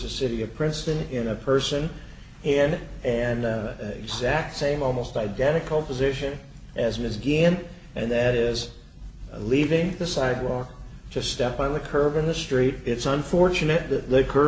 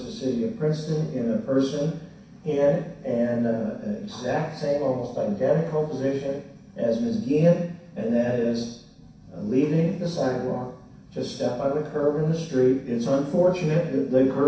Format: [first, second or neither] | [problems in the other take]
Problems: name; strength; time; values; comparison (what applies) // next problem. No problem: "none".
first | room echo; dies away in 0.6 s